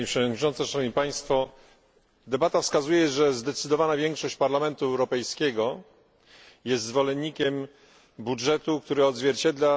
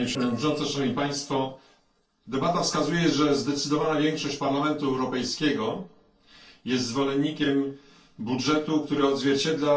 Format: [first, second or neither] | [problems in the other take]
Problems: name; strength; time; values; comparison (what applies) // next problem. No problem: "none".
first | noise reduction (neural separator model SepFormer DNS4)